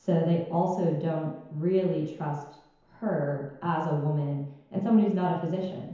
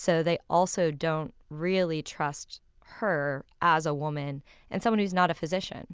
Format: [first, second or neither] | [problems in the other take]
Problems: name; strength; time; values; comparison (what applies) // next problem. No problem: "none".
second | room echo; dies away in 1 s